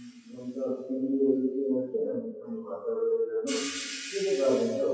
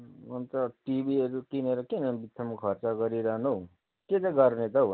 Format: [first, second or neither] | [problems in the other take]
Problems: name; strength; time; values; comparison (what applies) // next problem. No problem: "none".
second | noise reduction (classical method WPE with log-MMSE)